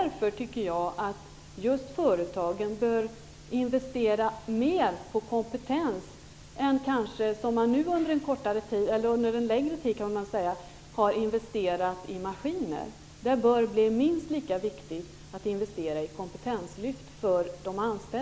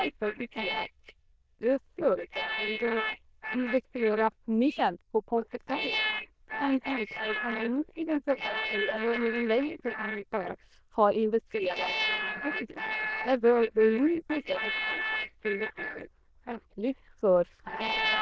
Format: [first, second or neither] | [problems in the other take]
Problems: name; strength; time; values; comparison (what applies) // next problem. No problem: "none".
first | noise reduction (neural diffusion model UNIVERSE++)